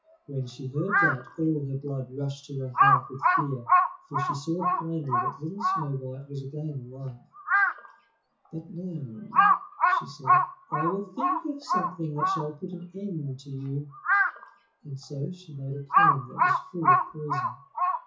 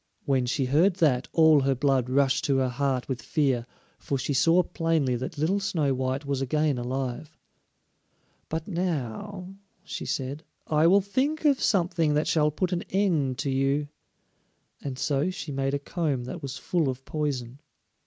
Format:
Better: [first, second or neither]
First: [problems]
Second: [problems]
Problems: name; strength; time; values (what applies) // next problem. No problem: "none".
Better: second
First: noise reduction (classical method WPE with log-MMSE)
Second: none